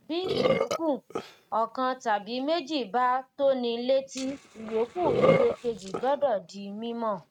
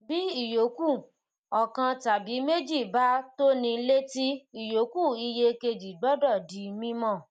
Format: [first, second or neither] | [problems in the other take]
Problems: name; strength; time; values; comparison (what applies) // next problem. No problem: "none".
second | noise reduction (neural mask model RNNoise)